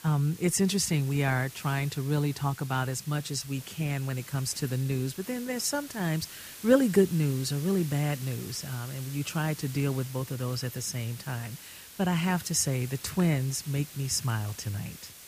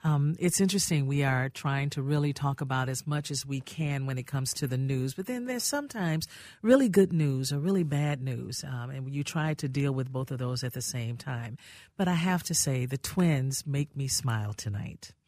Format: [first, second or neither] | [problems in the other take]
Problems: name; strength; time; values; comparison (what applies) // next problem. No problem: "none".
second | hiss; noticeable; throughout; 15 dB below the speech